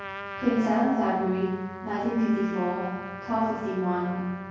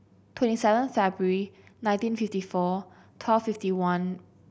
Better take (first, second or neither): second